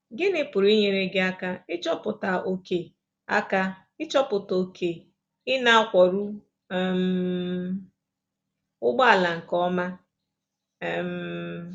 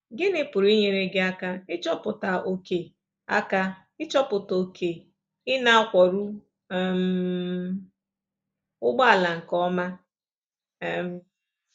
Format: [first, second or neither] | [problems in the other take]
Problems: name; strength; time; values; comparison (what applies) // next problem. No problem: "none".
first | noise reduction (neural mask model Resemble Enhance denoiser)